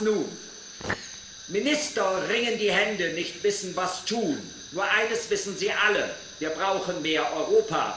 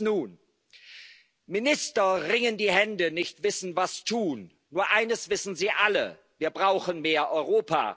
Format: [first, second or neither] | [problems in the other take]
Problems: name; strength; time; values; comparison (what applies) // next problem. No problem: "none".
second | background sound (Fire); 15 dB below the speech // room echo; dies away in 1.2 s